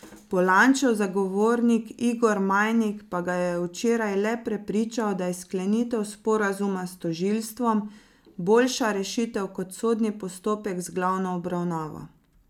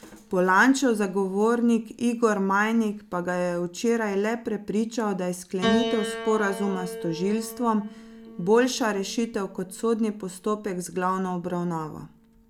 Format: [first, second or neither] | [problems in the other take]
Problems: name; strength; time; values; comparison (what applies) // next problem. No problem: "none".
first | background sound (Piano); 13 dB below the speech